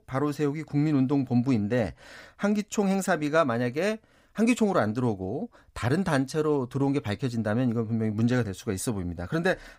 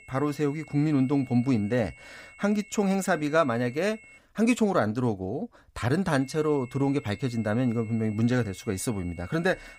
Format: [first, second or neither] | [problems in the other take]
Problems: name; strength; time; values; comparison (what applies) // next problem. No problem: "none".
first | high-pitched whine; faint; until 4 s and from 6 s on; 2 kHz, 20 dB below the speech